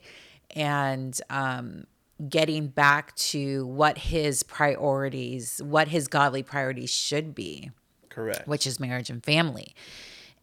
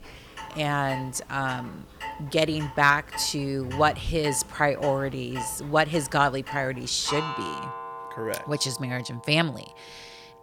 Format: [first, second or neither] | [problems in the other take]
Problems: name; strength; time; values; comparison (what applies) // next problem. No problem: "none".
first | household noises; noticeable; throughout; 15 dB below the speech